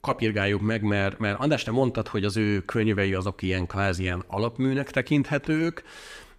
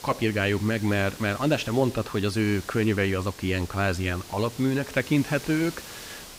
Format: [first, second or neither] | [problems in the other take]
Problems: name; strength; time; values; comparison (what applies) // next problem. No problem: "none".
first | hiss; noticeable; throughout; 15 dB below the speech